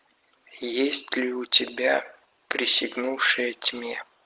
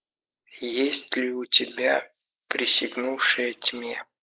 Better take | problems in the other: first | noise reduction (neural mask model Resemble Enhance denoiser)

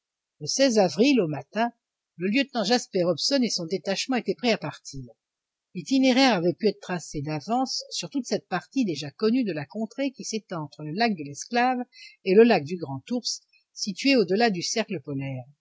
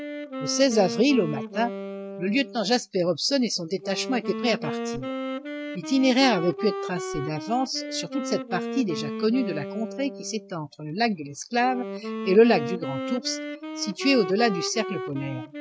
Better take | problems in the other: first | background sound (Wind instrument, woodwind instrument); 8 dB below the speech

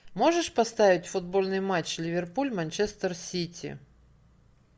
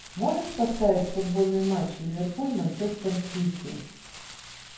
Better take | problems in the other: first | background sound (Crumpling, crinkling); 14 dB below the speech // room echo; dies away in 0.9 s

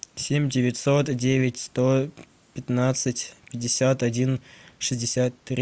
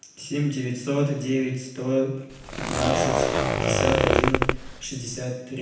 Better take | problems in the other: first | background sound (Zipper (clothing)); 4 dB above the speech // room echo; dies away in 0.9 s

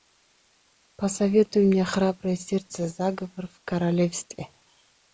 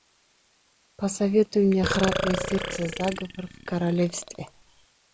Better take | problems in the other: first | background sound (Burping, eructation); 5 dB below the speech

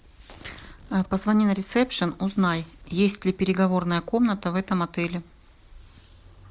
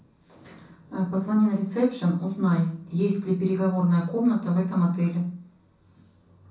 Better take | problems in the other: first | room echo; dies away in 0.6 s

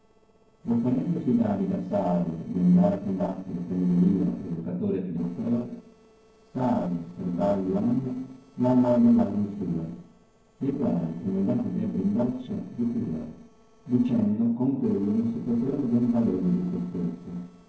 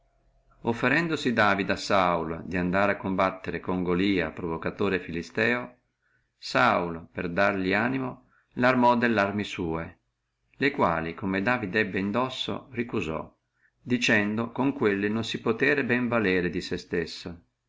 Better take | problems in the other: second | noise reduction (neural separator model SepFormer DNS4)

